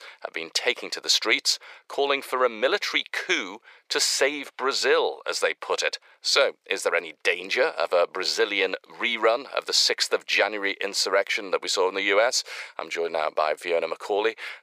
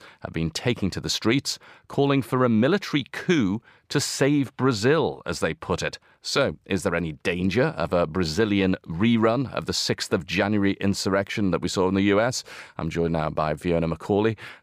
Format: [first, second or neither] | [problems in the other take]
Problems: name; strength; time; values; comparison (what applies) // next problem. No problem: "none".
second | thin; very; fading below 500 Hz